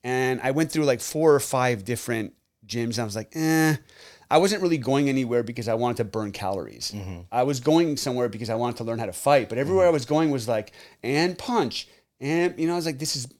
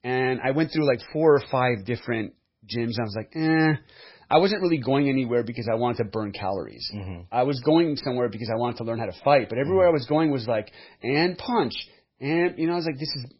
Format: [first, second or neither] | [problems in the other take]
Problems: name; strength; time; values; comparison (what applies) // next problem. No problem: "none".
first | garbled, watery; badly; nothing above 5.5 kHz